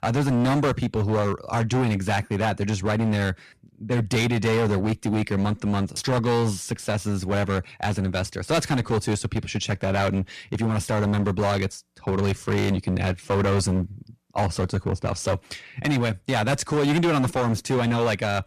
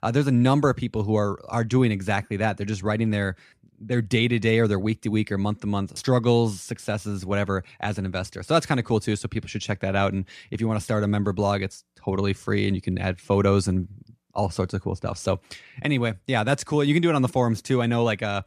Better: second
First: distortion; heavy; 15% of the sound clipped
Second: none

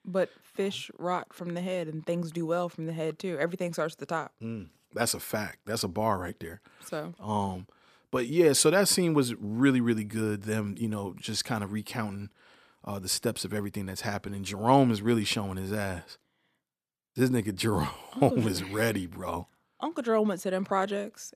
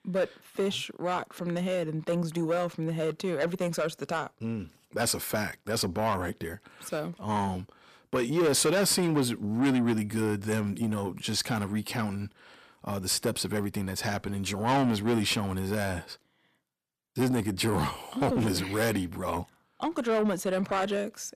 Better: first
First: none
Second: distortion; heavy; 8 dB below the speech

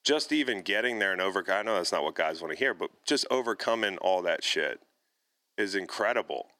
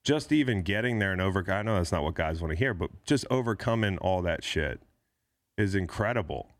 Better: second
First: thin; somewhat; fading below 350 Hz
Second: none

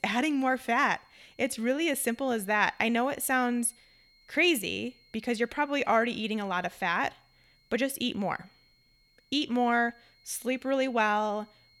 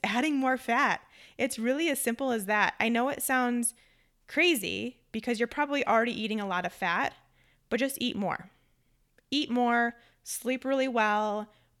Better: second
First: high-pitched whine; faint; throughout; 4 kHz, 35 dB below the speech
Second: none

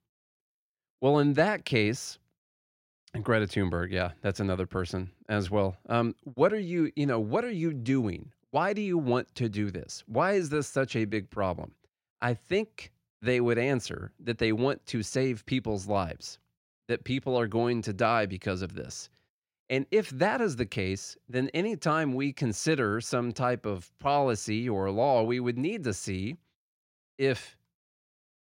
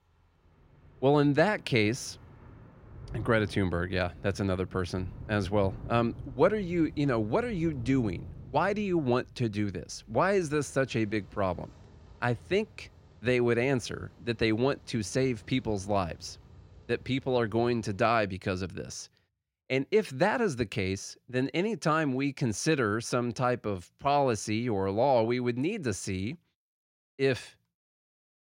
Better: first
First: none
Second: rain or running water; noticeable; until 18 s; 20 dB below the speech

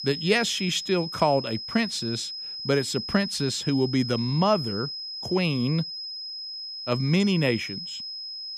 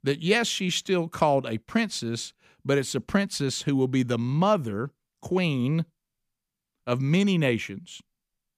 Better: second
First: high-pitched whine; loud; throughout; 5 kHz, 7 dB below the speech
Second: none

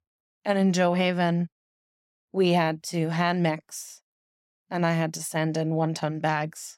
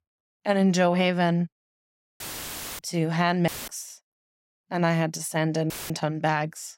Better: first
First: none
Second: audio cutting out; filled with static; at 2 s for 0.5 s, at 3.5 s and at 5.5 s

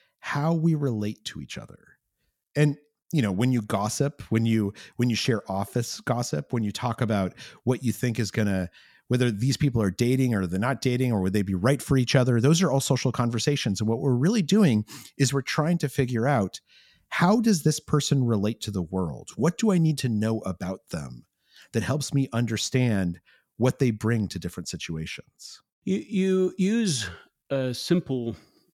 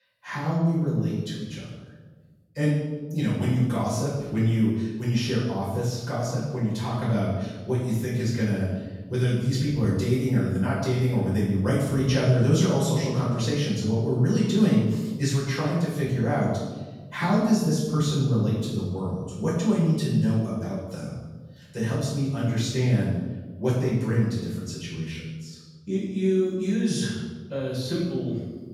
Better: first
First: none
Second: off-mic speech; far // room echo; strong; dies away in 1.2 s

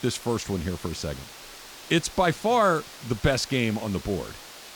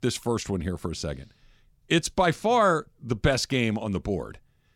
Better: second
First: hiss; noticeable; throughout; 15 dB below the speech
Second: none

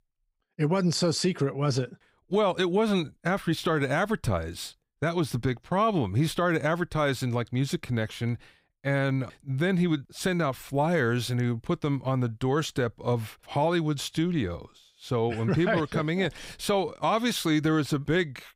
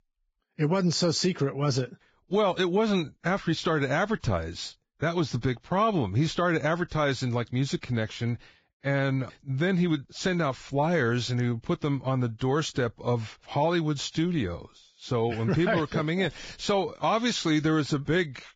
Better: first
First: none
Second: garbled, watery; badly; nothing above 7.5 kHz

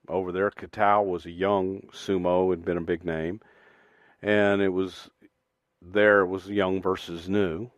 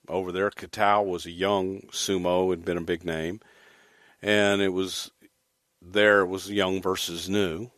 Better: second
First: muffled; very; fading above 3 kHz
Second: none

